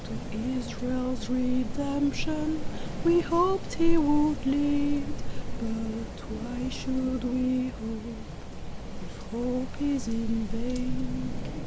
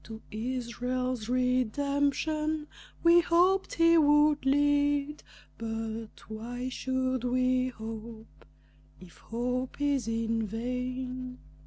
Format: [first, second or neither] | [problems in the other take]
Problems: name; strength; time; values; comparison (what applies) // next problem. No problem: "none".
second | background sound (Rain); 1 dB below the speech